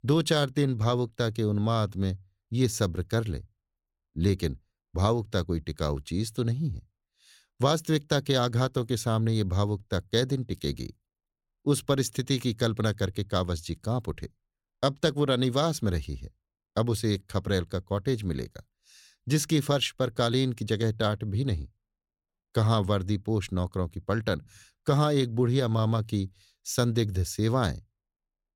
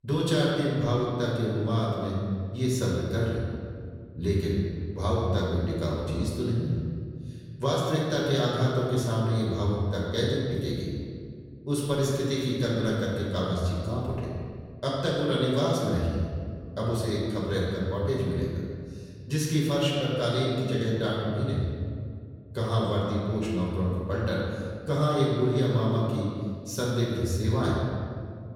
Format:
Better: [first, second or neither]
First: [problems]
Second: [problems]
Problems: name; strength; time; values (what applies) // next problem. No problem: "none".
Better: first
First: none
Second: off-mic speech; far // room echo; noticeable; dies away in 1.9 s